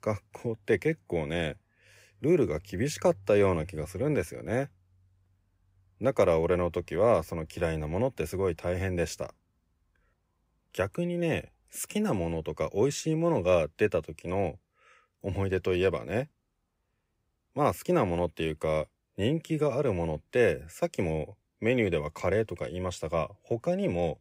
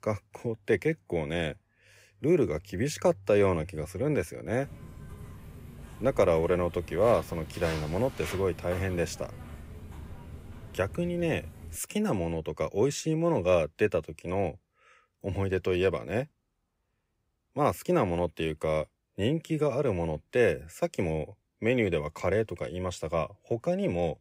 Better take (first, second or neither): first